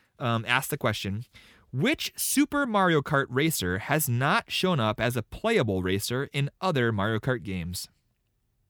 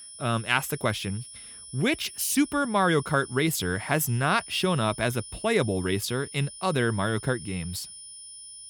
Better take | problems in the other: first | high-pitched whine; noticeable; throughout; 9.5 kHz, 15 dB below the speech

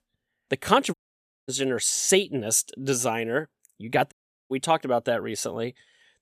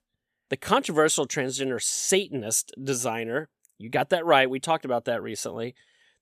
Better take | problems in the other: second | audio cutting out; at 1 s for 0.5 s and at 4 s

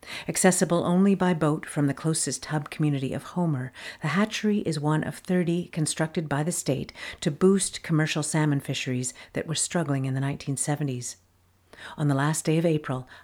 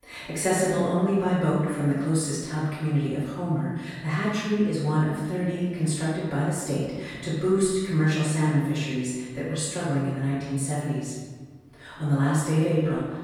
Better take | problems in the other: first | off-mic speech; far // room echo; strong; dies away in 1.3 s

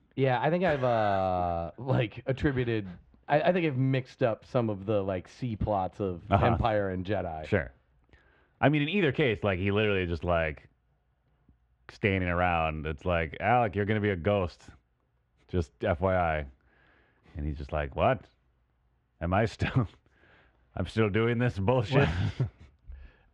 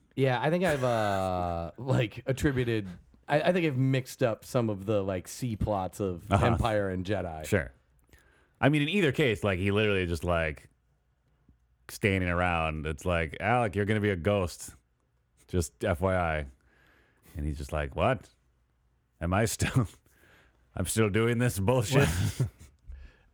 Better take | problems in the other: second | muffled; slightly; fading above 4 kHz

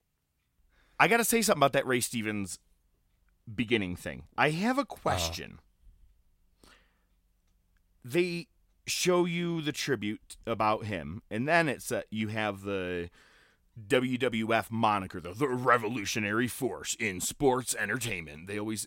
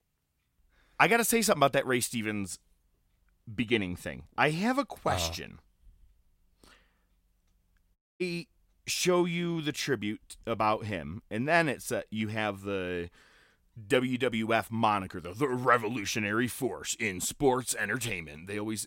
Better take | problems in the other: first | audio cutting out; at 8 s

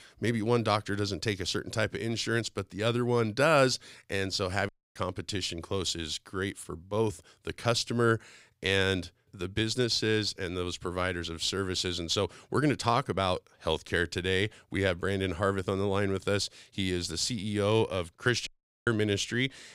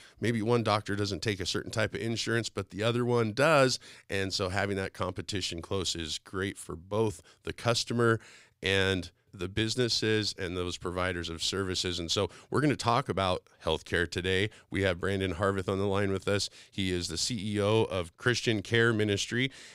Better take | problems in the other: second | audio cutting out; at 4.5 s and at 18 s

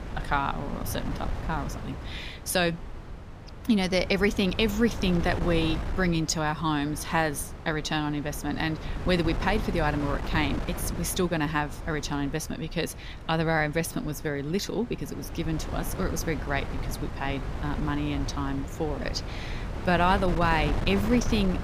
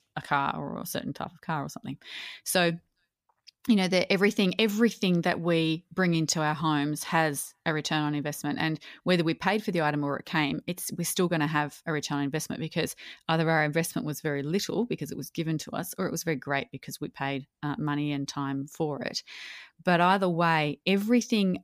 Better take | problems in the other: second | wind noise on the microphone; occasional gusts; 10 dB below the speech

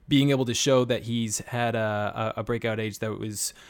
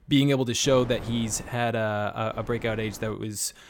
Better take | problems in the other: first | wind noise on the microphone; occasional gusts; at 0.5 s and at 2.5 s; 20 dB below the speech

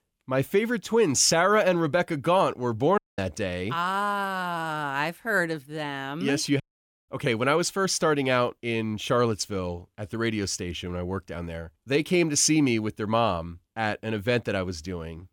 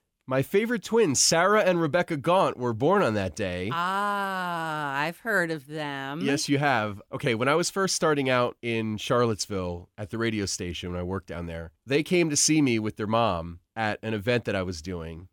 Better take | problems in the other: second | audio cutting out; at 3 s and at 6.5 s

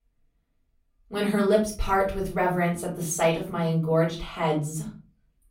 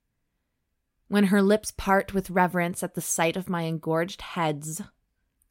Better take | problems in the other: second | off-mic speech; far // room echo; slight; dies away in 0.4 s

